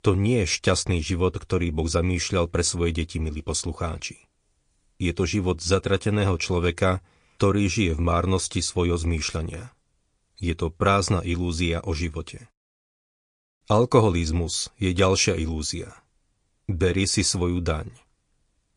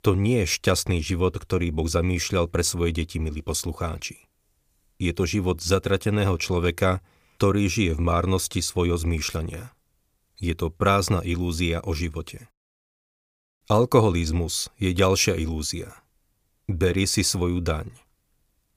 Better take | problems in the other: second | garbled, watery; slightly; nothing above 9 kHz

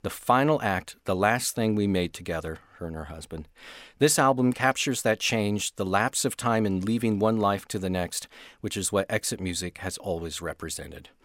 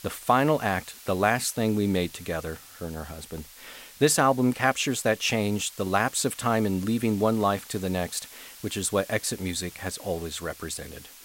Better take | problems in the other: first | hiss; noticeable; throughout; 20 dB below the speech

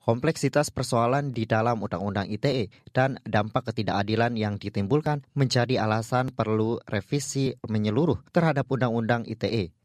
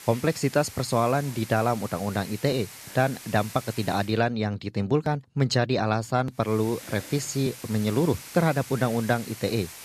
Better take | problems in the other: first | hiss; noticeable; until 4 s and from 6.5 s on; 15 dB below the speech

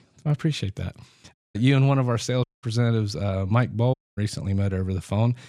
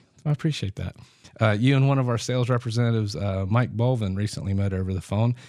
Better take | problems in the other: second | audio cutting out; at 1.5 s, at 2.5 s and at 4 s

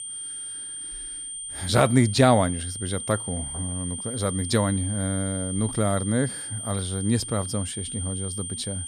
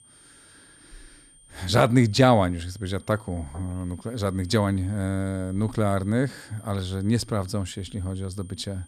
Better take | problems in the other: second | high-pitched whine; loud; throughout; 9 kHz, 6 dB below the speech; faint in the second

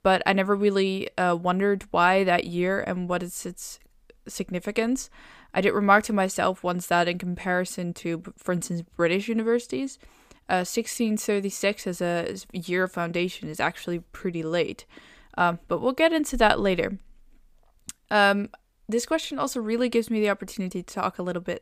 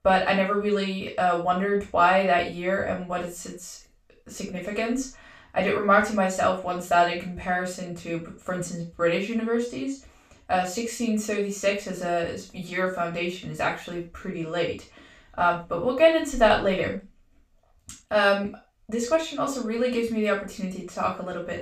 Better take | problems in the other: first | room echo; noticeable; dies away in 0.3 s // off-mic speech; far

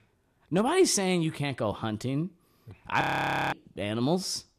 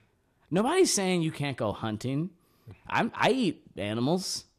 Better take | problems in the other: second | audio freezing; at 3 s for 0.5 s

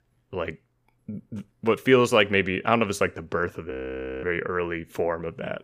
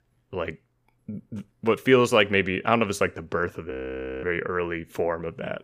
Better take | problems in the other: neither | audio freezing; at 3.5 s for 0.5 s; the same in both

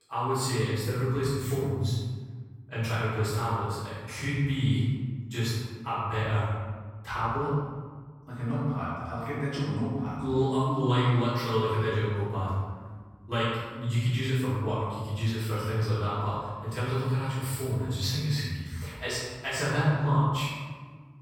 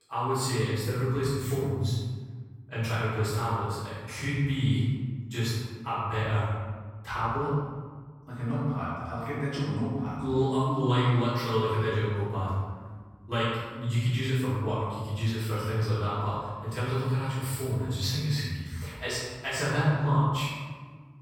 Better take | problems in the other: neither | room echo; strong; dies away in 1.4 s; the same in both // off-mic speech; far; the same in both

